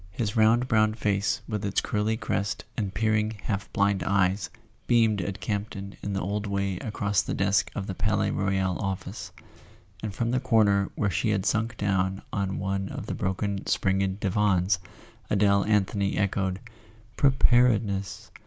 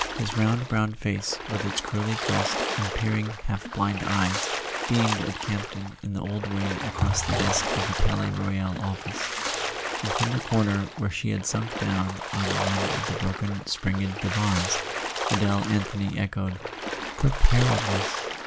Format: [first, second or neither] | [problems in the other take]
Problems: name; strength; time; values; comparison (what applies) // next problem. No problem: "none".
first | background sound (Liquid + Splash, splatter); 4 dB below the speech